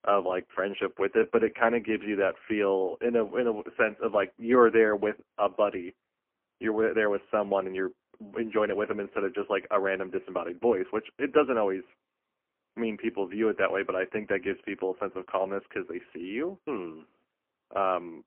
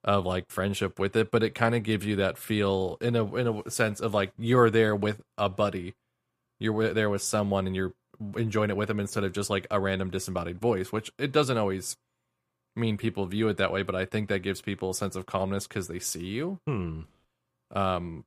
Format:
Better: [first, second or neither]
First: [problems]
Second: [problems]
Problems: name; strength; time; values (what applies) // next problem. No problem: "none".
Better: second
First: phone-call audio; poor line; nothing above 3 kHz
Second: none